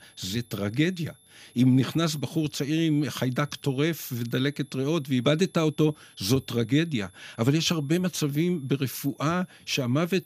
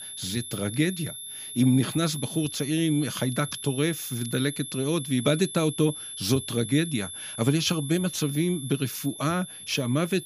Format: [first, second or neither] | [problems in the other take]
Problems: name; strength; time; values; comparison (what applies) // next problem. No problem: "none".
first | high-pitched whine; loud; throughout; 3.5 kHz, 9 dB below the speech; faint in the first